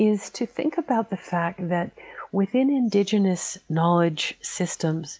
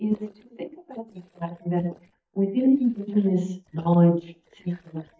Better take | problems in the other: first | noise reduction (neural mask model DeepFilterNet 3)

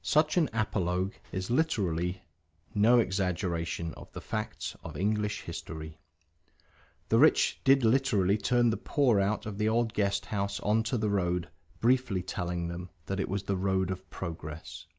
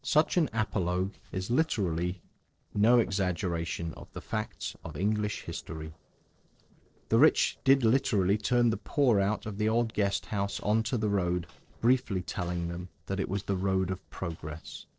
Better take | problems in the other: first | noise reduction (neural separator model SepFormer DNS4)

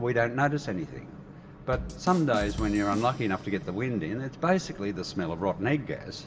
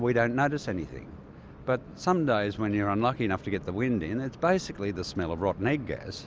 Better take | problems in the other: second | background sound (Bass drum / Drum kit); 12 dB below the speech // room echo; dies away in 2.7 s

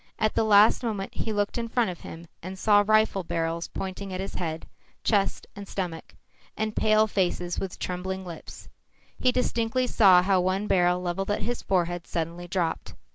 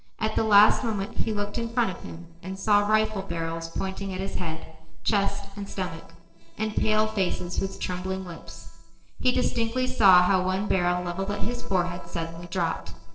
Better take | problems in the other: first | noise reduction (neural separator model SepFormer DNS4)

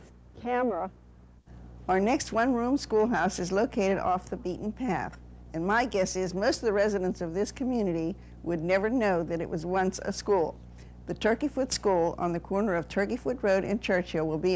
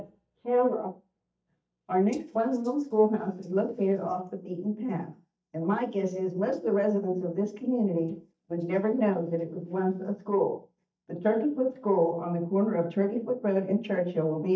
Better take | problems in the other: first | noise reduction (neural mask model DeepFilterNet 3)

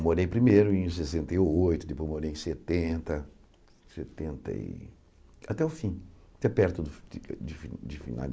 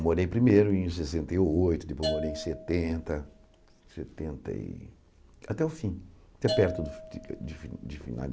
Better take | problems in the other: first | background sound (Bell / Percussion); 12 dB below the speech

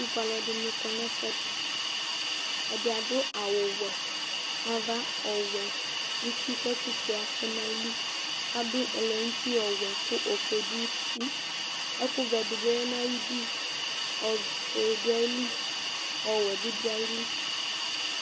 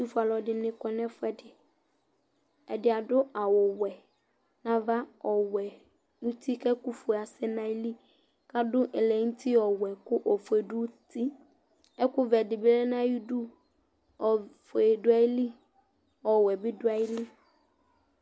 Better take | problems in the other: second | background sound (Hiss); 2 dB above the speech

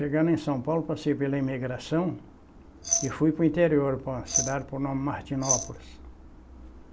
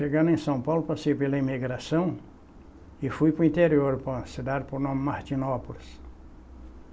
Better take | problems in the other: second | background sound (Glass); 1 dB below the speech

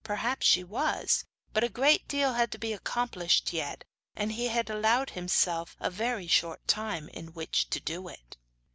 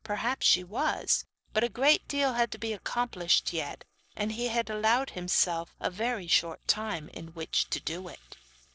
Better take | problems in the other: first | noise reduction (neural separator model SepFormer DNS4)

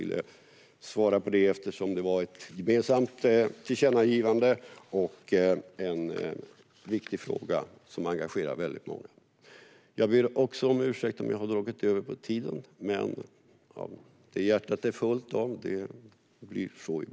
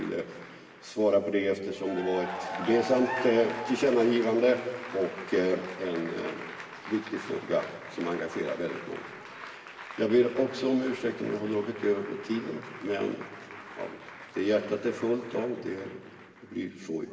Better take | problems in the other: first | background sound (Applause / Cheering); 12 dB below the speech // room echo; dies away in 2.1 s

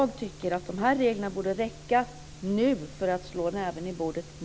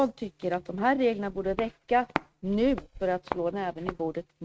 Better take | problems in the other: first | noise reduction (neural mask model RNNoise)

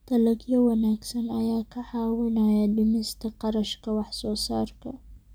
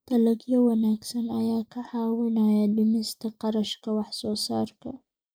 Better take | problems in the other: first | noise reduction (neural mask model Resemble Enhance denoiser)

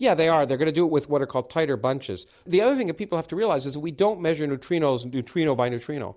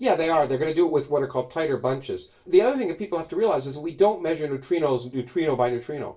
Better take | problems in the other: first | room echo; dies away in 0.2 s

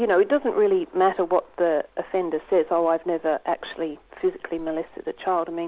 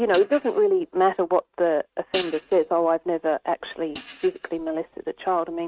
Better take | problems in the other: first | noise reduction (neural mask model RNNoise)

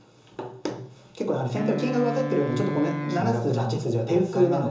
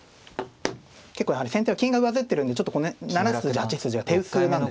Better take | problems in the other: second | background sound (Wind instrument, woodwind instrument); 7 dB below the speech // room echo; dies away in 0.6 s

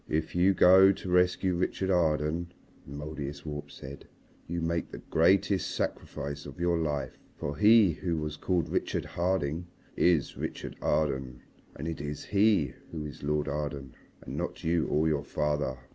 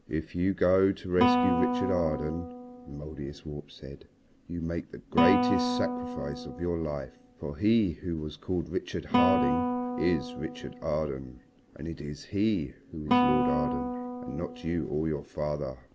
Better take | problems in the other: first | background sound (Guitar); 1 dB below the speech

